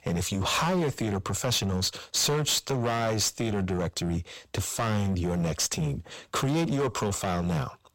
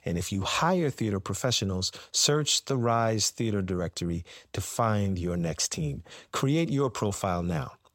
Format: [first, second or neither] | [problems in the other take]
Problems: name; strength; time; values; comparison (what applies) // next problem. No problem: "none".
second | distortion; heavy; 16% of the sound clipped